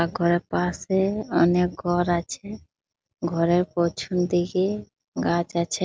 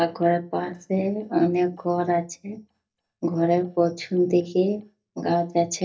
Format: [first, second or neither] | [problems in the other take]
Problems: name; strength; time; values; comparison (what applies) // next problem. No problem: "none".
first | noise reduction (neural mask model DeepFilterNet 3)